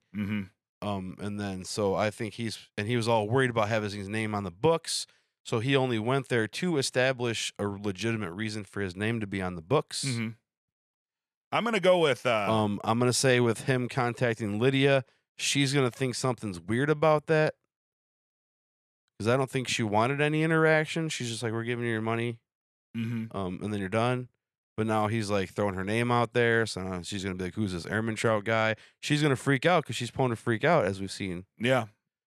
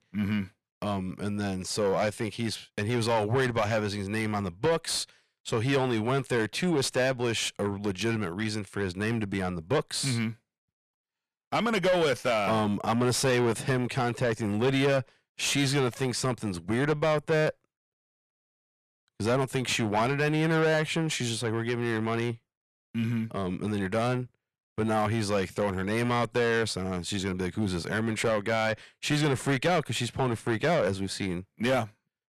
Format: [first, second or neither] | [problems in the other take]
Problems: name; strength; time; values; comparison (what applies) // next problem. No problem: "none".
first | distortion; heavy; 7 dB below the speech